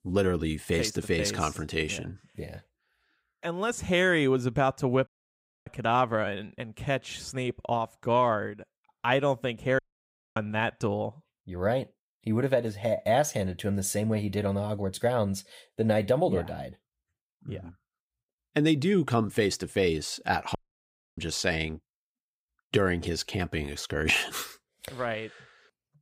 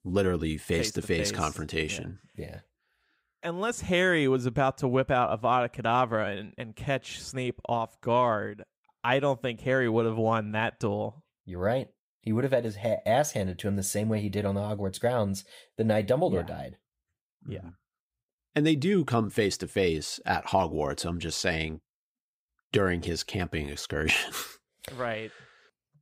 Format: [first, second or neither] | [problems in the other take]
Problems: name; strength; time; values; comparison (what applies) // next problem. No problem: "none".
second | audio cutting out; at 5 s for 0.5 s, at 10 s for 0.5 s and at 21 s for 0.5 s